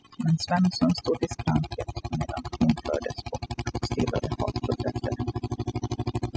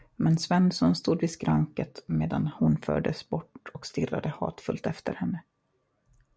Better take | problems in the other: second | noise reduction (classical method spectral subtraction)

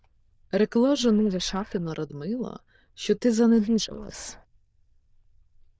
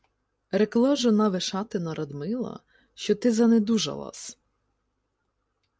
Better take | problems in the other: second | noise reduction (neural diffusion model UNIVERSE++)

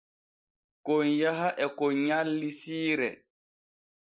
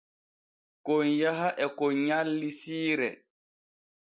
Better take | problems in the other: second | noise reduction (neural mask model Resemble Enhance denoiser)

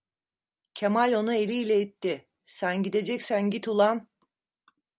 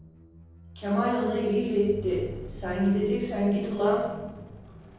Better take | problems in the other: first | background sound (Squeak); 15 dB below the speech // room echo; dies away in 1.3 s

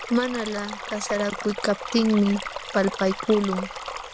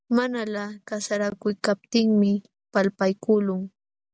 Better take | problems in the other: second | background sound (Stream); 9 dB below the speech

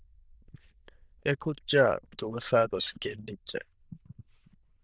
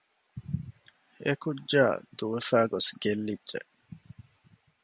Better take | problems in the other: second | noise reduction (neural diffusion model UNIVERSE++)

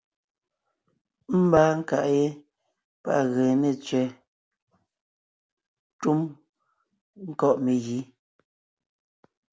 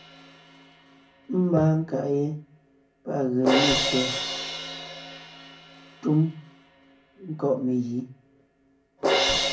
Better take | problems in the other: first | background sound (Crash cymbal); 3 dB below the speech // room echo; dies away in 0.4 s

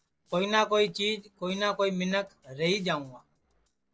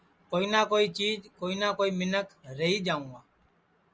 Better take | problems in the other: second | noise reduction (neural separator model SepFormer DNS4)

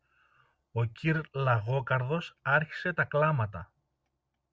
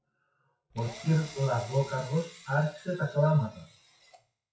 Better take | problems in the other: first | noise reduction (classical method WPE with log-MMSE)

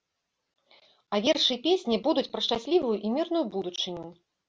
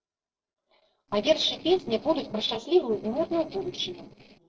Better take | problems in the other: first | noise reduction (neural separator model SepFormer DNS4)

